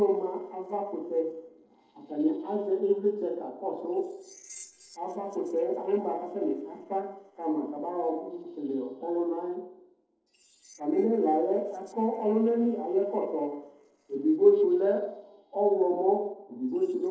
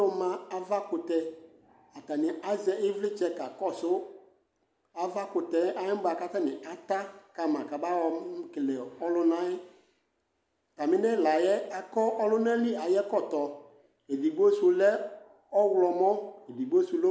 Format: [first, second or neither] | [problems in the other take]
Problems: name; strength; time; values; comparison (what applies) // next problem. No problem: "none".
second | noise reduction (neural separator model SepFormer DNS4)